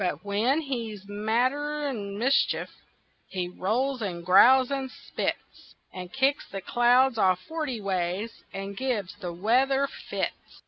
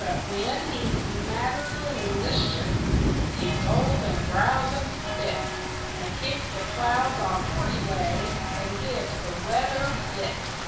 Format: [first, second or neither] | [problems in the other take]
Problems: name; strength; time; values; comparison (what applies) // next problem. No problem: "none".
first | background sound (Rain); 2 dB above the speech // room echo; dies away in 0.7 s